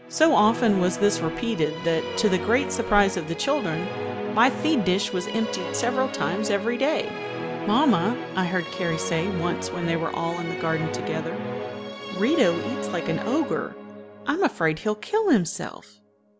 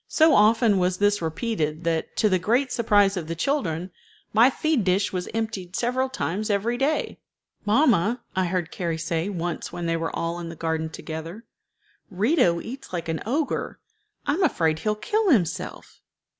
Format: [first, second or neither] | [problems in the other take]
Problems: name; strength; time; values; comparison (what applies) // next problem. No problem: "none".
second | background sound (Musical instrument); 7 dB below the speech